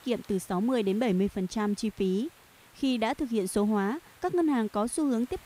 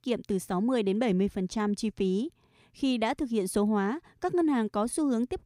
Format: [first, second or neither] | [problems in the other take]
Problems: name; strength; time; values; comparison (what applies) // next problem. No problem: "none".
second | hiss; faint; throughout; 25 dB below the speech